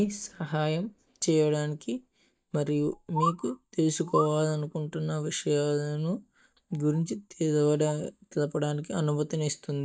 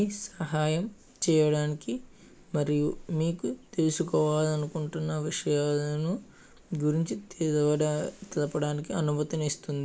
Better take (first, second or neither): second